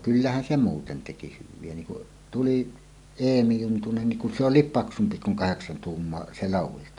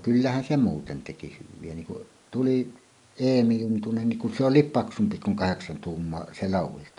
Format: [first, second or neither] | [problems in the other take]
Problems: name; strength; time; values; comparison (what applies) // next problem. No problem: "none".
first | noise reduction (neural mask model Resemble Enhance denoiser)